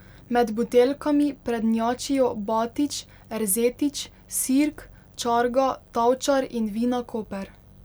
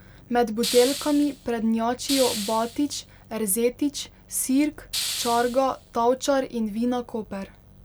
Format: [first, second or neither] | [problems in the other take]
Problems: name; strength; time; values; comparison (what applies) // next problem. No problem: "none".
first | background sound (Hiss); 8 dB below the speech